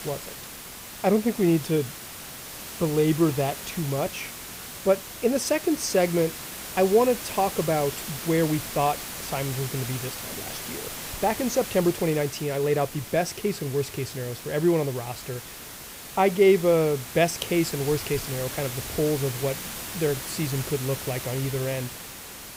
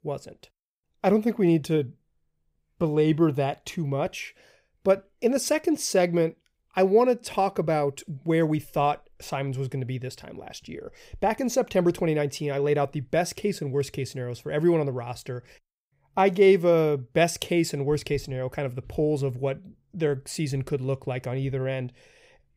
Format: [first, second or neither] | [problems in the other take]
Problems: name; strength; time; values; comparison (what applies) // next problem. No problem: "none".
second | hiss; loud; throughout; 9 dB below the speech